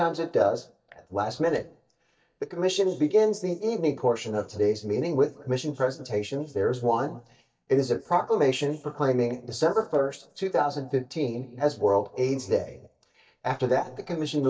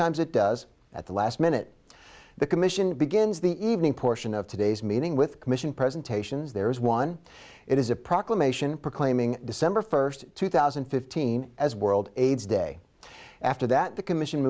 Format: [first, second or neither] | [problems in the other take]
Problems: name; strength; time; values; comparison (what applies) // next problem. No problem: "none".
second | noise reduction (neural mask model DeepFilterNet 3)